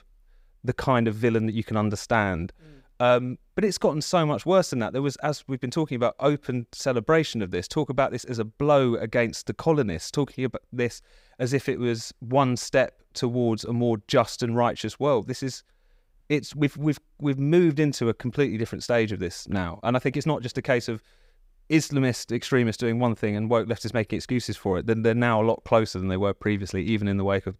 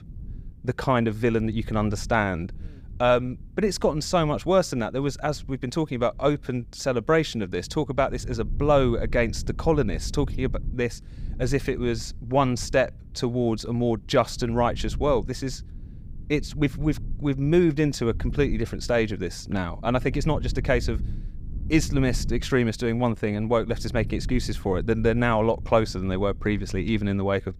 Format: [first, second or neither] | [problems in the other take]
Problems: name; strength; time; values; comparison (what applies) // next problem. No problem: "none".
first | low rumble; faint; throughout; 25 dB below the speech